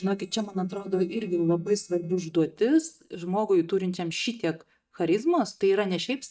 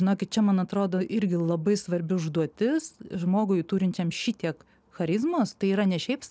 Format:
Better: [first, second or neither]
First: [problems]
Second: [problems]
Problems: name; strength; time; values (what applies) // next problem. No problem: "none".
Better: second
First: noise reduction (neural mask model DeepFilterNet 3)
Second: none